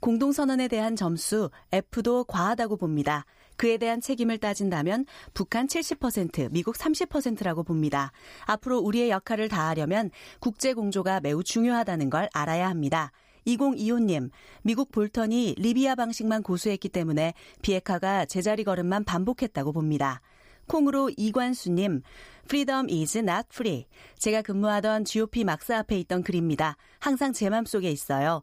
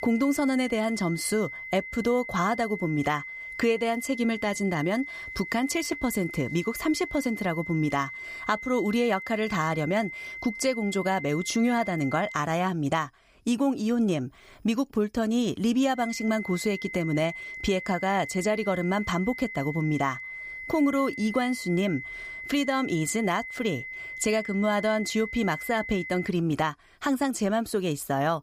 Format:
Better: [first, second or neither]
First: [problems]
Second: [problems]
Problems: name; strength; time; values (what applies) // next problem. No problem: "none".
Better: first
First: none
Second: high-pitched whine; loud; until 12 s and from 16 to 26 s; 2 kHz, 9 dB below the speech